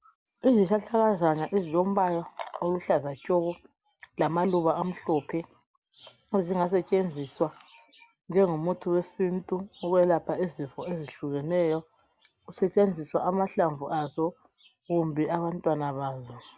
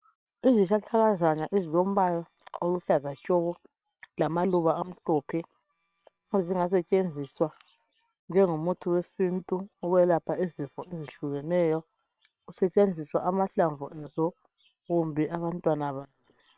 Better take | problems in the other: first | noise reduction (neural separator model SepFormer WHAM!)

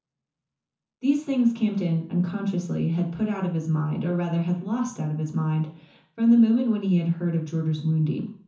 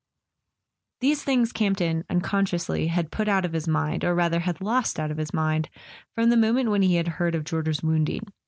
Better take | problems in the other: second | room echo; dies away in 0.9 s

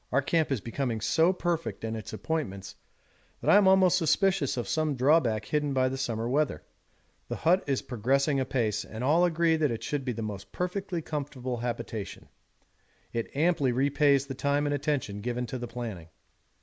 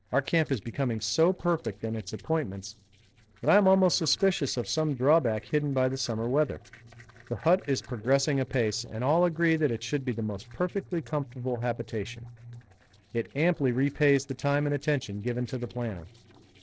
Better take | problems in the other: first | noise reduction (neural separator model SepFormer DNS4)

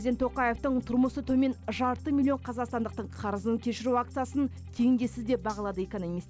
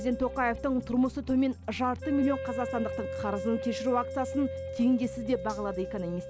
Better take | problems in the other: first | background sound (Wind instrument, woodwind instrument); 9 dB below the speech

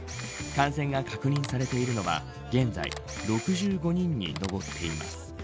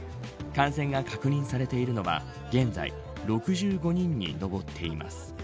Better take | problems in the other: second | background sound (Camera); 14 dB below the speech

